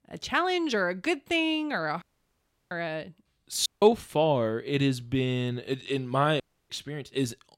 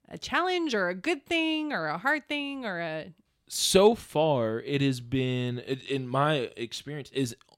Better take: second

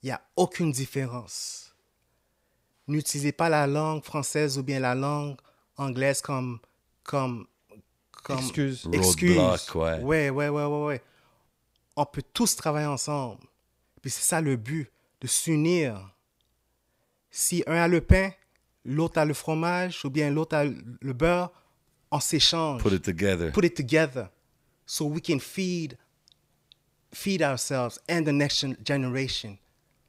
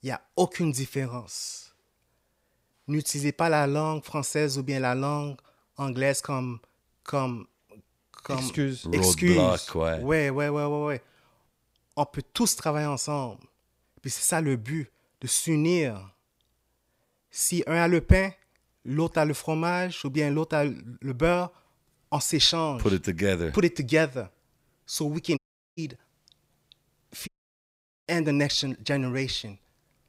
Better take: first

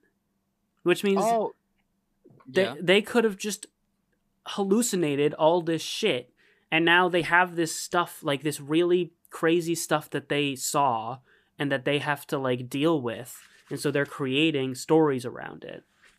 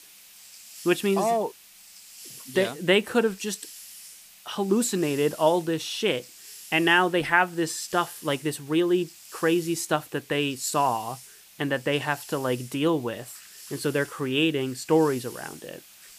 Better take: first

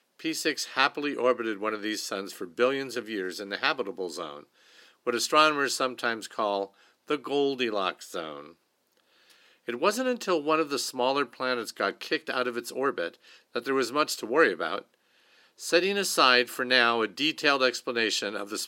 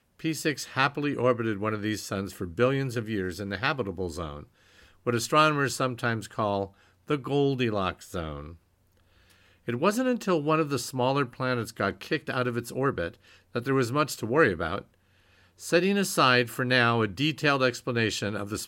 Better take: second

